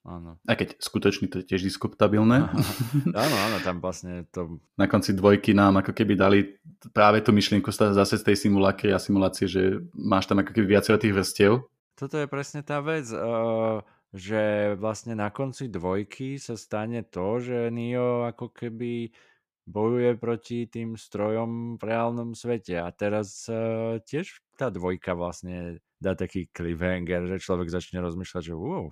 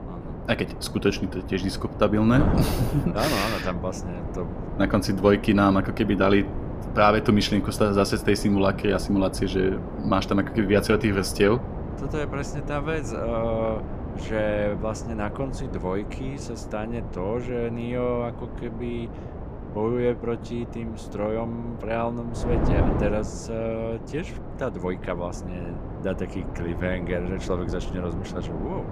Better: first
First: none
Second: wind noise on the microphone; occasional gusts; 10 dB below the speech

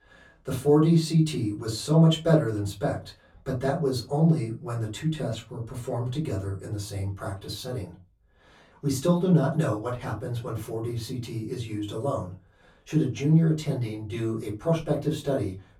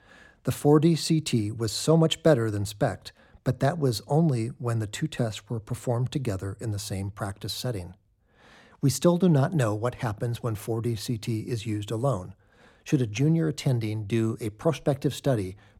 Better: second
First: off-mic speech; far // room echo; very slight; dies away in 0.2 s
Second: none

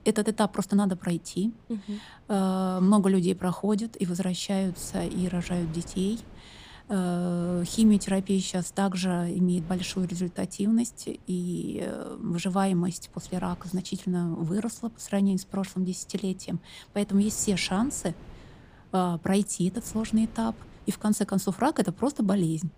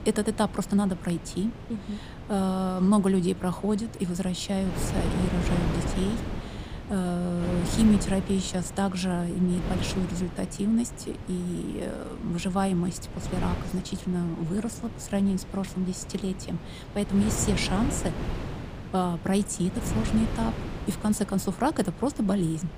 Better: first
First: wind noise on the microphone; occasional gusts; 25 dB below the speech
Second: wind noise on the microphone; heavy; 8 dB below the speech

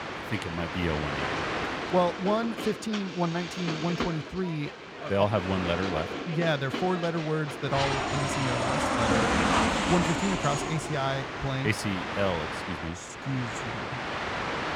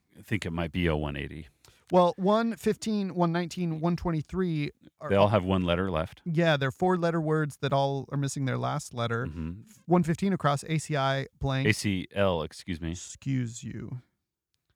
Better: second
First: train or aircraft noise; loud; throughout; 1 dB below the speech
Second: none

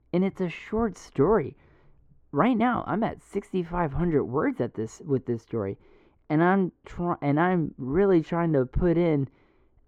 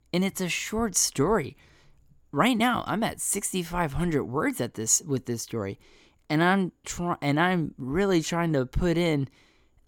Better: second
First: muffled; very; fading above 4 kHz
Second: none

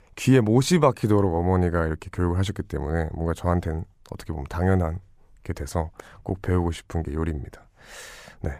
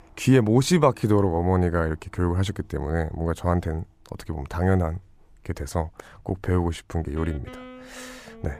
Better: first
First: none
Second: background music; faint; throughout; 25 dB below the speech

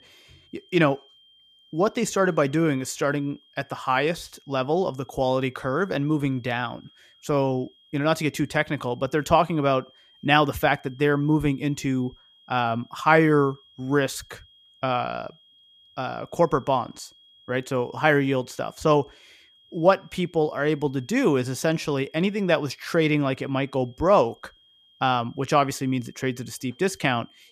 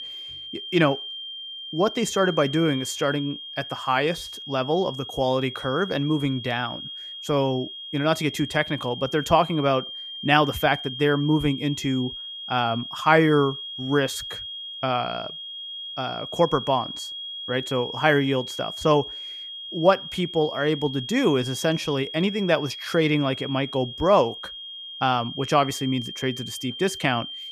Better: first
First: high-pitched whine; faint; throughout; 3.5 kHz, 30 dB below the speech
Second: high-pitched whine; loud; throughout; 3.5 kHz, 9 dB below the speech

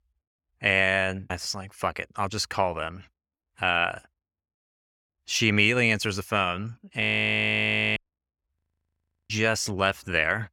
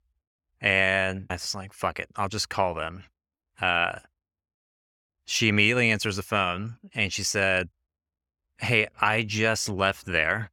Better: second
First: audio freezing; at 7 s for 1 s and at 8.5 s for 1 s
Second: none

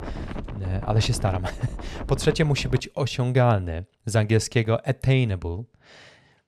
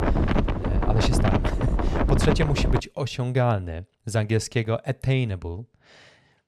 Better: first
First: wind noise on the microphone; occasional gusts; until 3 s; 15 dB below the speech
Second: wind noise on the microphone; heavy; until 3 s; as loud as the speech

